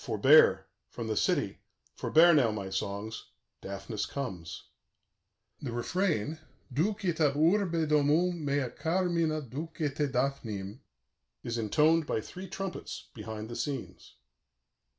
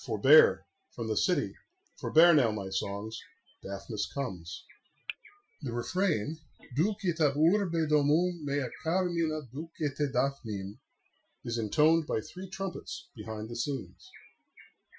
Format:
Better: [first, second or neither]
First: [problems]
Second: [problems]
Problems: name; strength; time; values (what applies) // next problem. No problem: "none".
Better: first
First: none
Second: noise reduction (classical method Wiener filter)